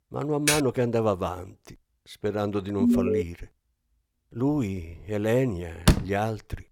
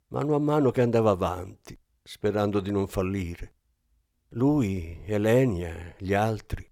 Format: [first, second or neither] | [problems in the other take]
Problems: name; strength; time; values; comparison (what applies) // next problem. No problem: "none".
second | keyboard typing; loud; at 0.5 s; peak 3 dB above the speech // alarm; loud; at 3 s; peak 5 dB above the speech // door banging; loud; at 6 s; peak 4 dB above the speech